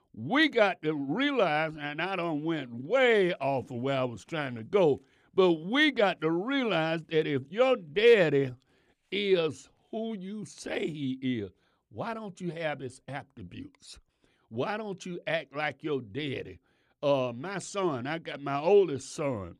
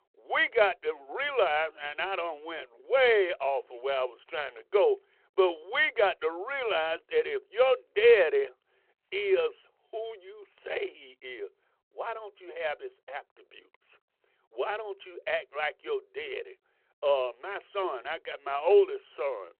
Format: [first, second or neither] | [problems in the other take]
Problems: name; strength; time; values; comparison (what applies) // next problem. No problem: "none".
first | phone-call audio